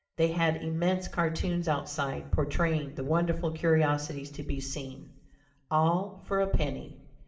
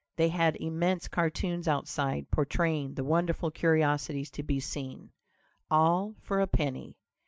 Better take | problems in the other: second | room echo; dies away in 0.6 s

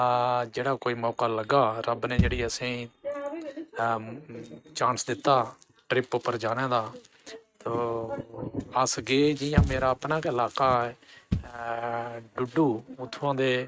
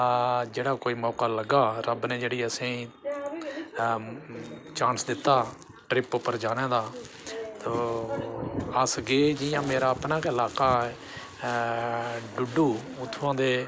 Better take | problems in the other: second | noise reduction (neural mask model RNNoise)

